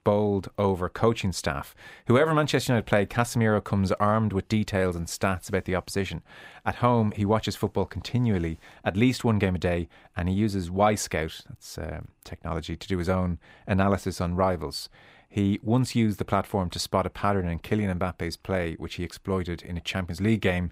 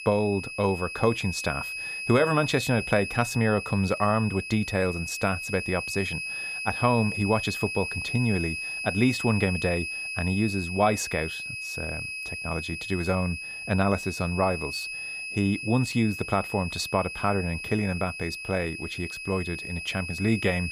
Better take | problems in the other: first | high-pitched whine; loud; throughout; 2.5 kHz, 5 dB below the speech

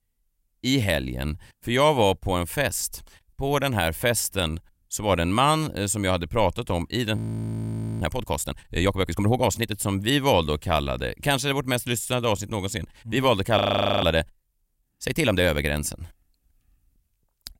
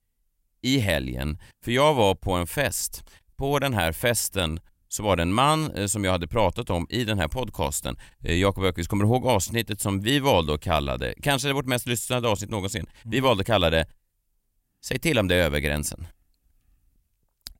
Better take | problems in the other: second | audio freezing; at 7 s for 1 s and at 14 s

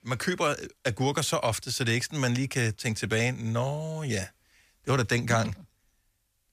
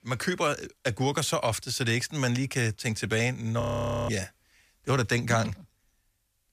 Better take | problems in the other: first | audio freezing; at 3.5 s

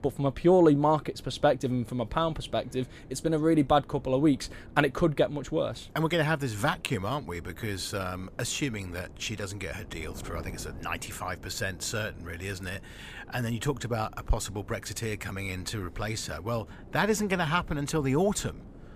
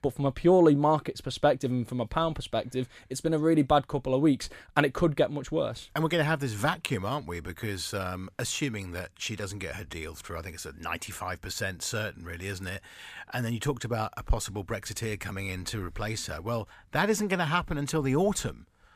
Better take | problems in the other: second | wind noise on the microphone; occasional gusts; 25 dB below the speech

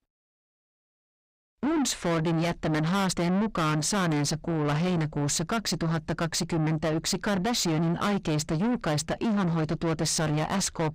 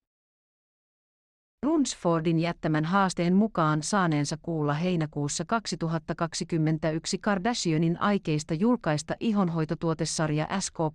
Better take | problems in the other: second | distortion; heavy; 6 dB below the speech

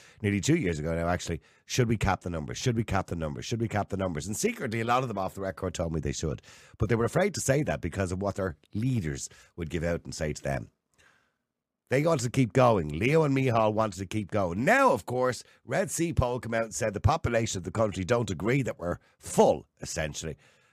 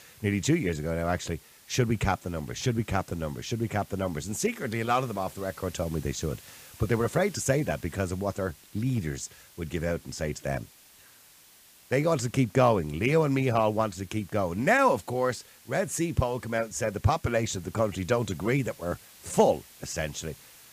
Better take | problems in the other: first | hiss; faint; throughout; 20 dB below the speech

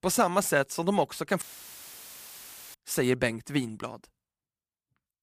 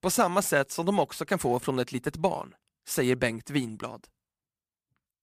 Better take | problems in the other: second | audio cutting out; filled with static; at 1.5 s for 1.5 s

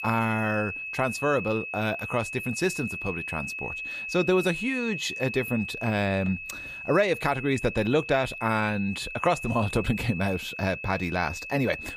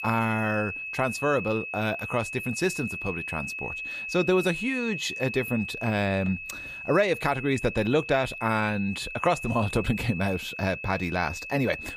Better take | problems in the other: neither | high-pitched whine; loud; throughout; 2.5 kHz, 7 dB below the speech; the same in both

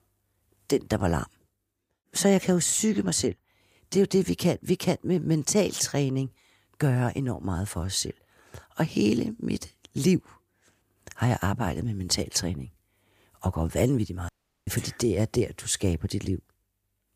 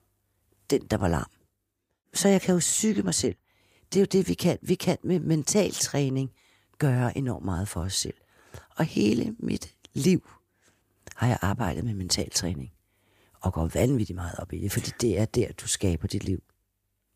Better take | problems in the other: second | audio cutting out; at 14 s

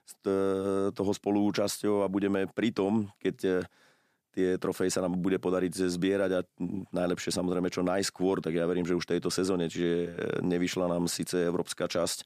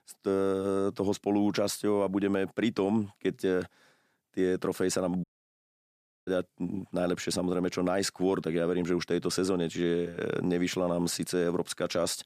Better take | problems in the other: first | audio cutting out; at 5 s for 1 s

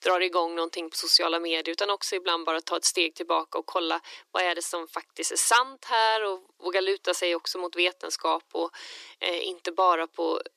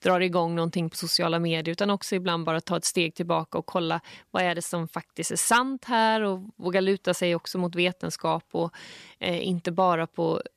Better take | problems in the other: second | thin; very; fading below 300 Hz

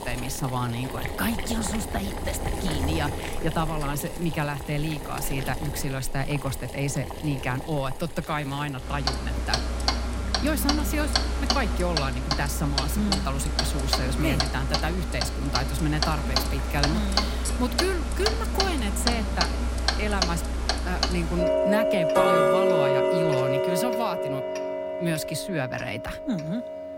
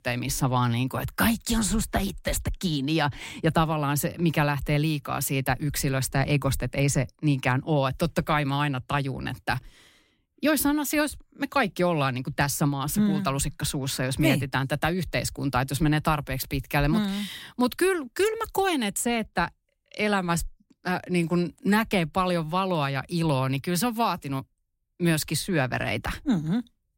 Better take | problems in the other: second | household noises; very loud; throughout; 3 dB above the speech

